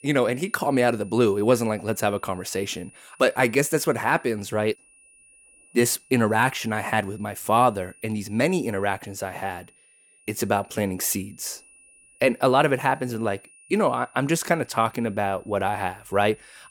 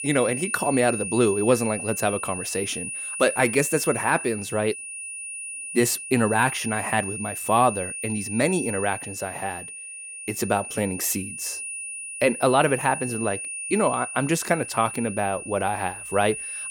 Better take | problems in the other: first | high-pitched whine; loud; throughout; 9.5 kHz, 7 dB below the speech; faint in the first

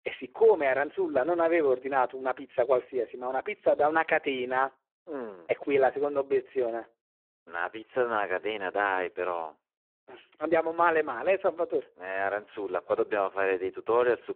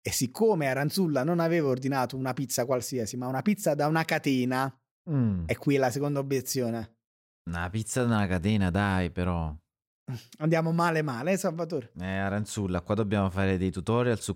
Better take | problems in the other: second | phone-call audio; poor line

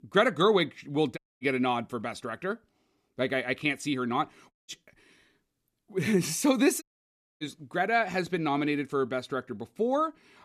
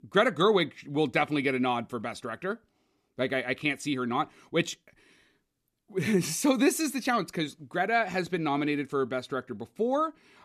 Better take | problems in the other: second | audio cutting out; at 1 s, at 4.5 s and at 7 s for 0.5 s

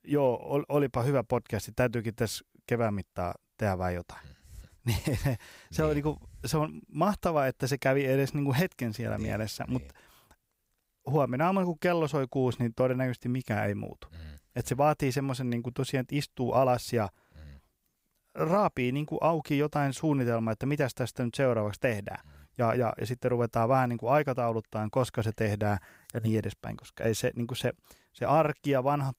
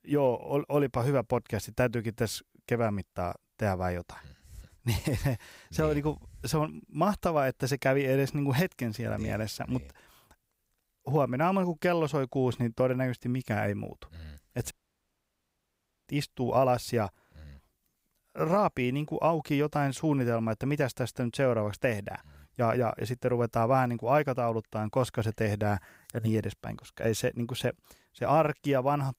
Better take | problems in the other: first | audio cutting out; at 15 s for 1.5 s

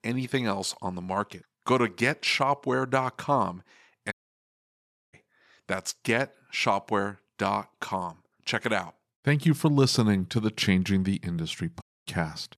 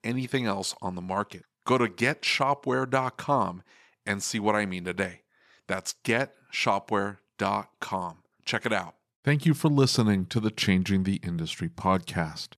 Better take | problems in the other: second | audio cutting out; at 4 s for 1 s and at 12 s

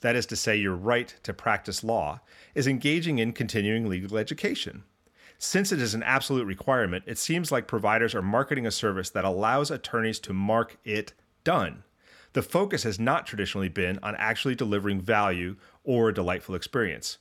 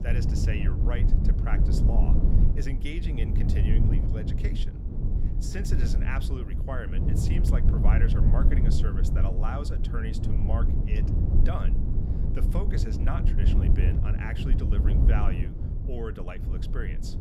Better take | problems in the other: first | low rumble; loud; throughout; 1 dB below the speech

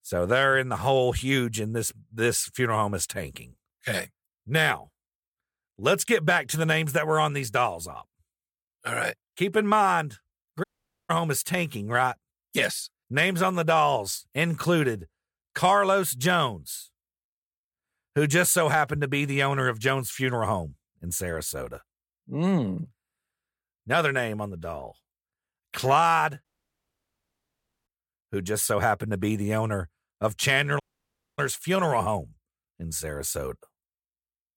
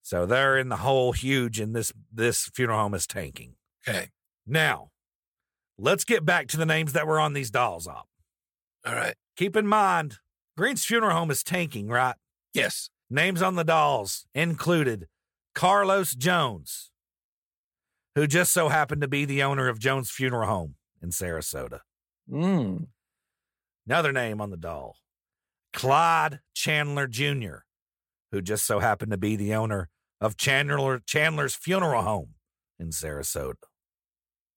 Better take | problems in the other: second | audio cutting out; at 11 s, at 26 s for 1.5 s and at 31 s for 0.5 s

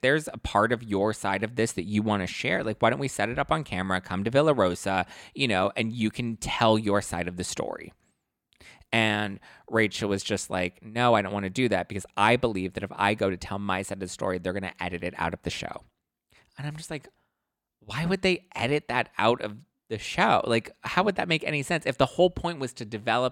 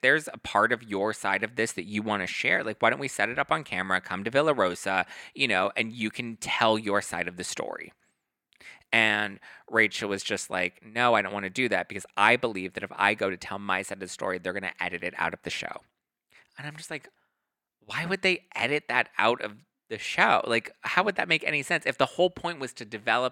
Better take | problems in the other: first | thin; very slightly; fading below 600 Hz

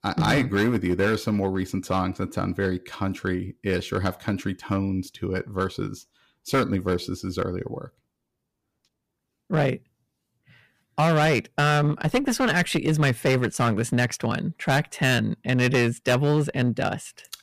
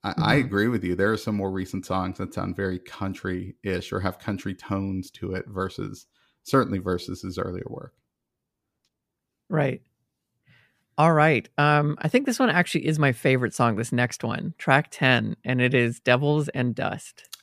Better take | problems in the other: second | distortion; heavy; 8% of the sound clipped

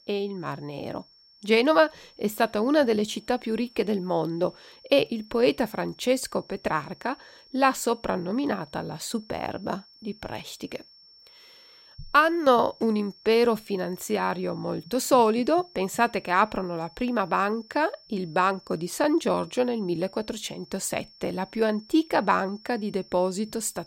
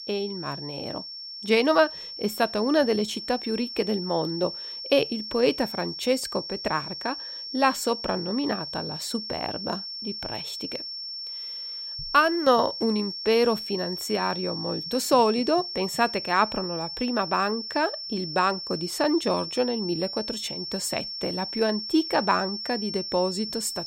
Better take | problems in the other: first | high-pitched whine; loud; throughout; 5.5 kHz, 7 dB below the speech; faint in the first

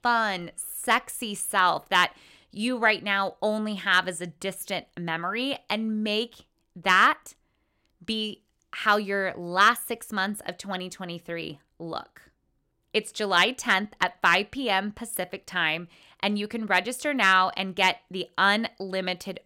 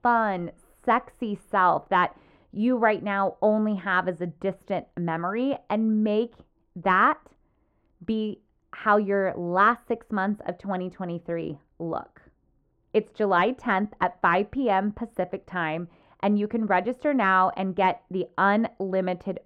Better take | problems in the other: first | muffled; very; fading above 3 kHz

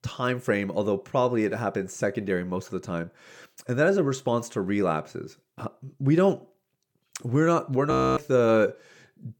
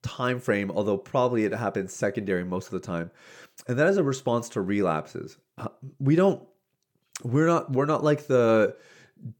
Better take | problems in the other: second | audio freezing; at 8 s

